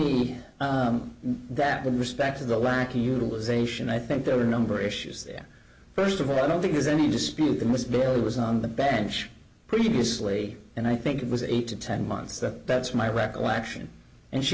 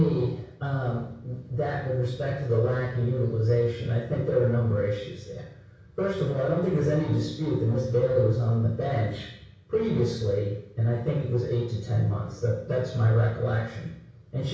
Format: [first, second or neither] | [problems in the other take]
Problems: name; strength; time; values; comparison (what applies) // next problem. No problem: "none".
first | room echo; dies away in 0.6 s